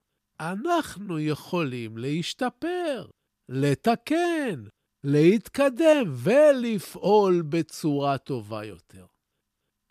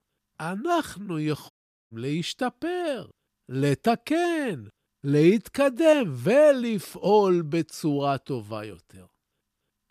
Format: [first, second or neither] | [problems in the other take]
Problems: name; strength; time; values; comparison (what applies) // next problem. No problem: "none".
first | audio cutting out; at 1.5 s